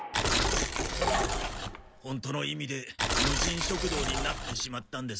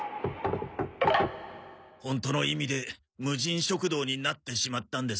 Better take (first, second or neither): second